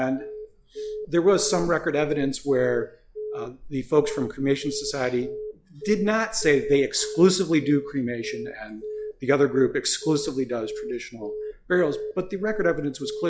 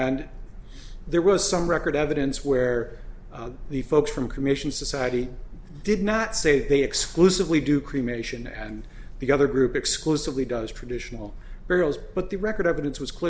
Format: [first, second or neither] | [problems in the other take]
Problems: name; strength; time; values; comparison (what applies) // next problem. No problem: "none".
second | noise reduction (classical method log-MMSE)